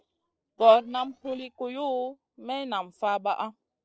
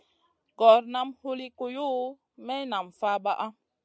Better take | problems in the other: second | noise reduction (neural separator model SepFormer DNS4)

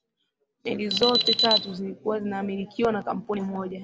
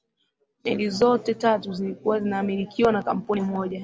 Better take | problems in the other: second | background sound (Alarm); as loud as the speech

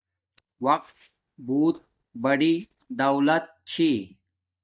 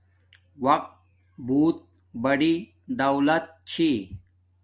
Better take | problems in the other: second | noise reduction (neural mask model DeepFilterNet 3)

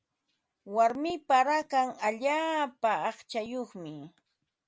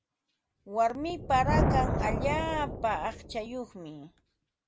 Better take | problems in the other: first | background sound (Thunder); 1 dB below the speech

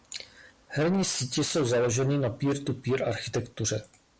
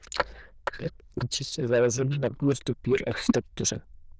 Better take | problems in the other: first | noise reduction (neural diffusion model UNIVERSE++)

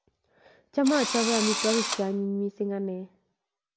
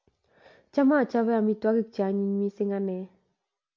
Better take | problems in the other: second | background sound (Engine / Drill); 2 dB below the speech

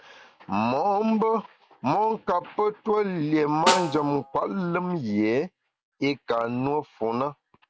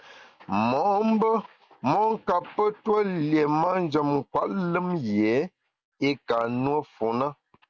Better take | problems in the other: second | background sound (Snare drum); 6 dB below the speech

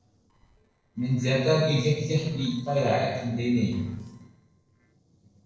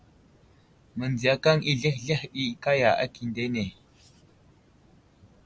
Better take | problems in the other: second | noise reduction (neural separator model SepFormer DNS4)

